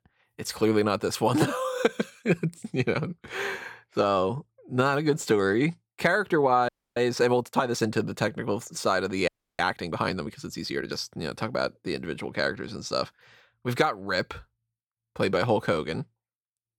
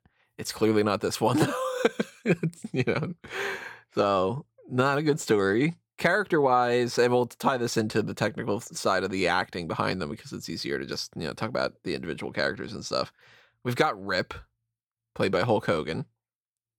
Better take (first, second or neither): second